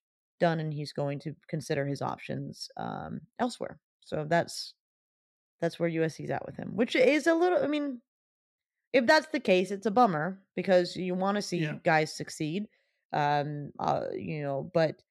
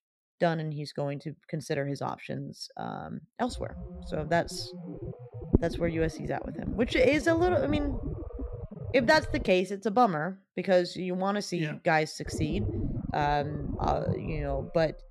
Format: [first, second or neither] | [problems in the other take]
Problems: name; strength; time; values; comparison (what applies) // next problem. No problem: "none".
first | low rumble; noticeable; from 3.5 to 9.5 s and from 12 s on; 15 dB below the speech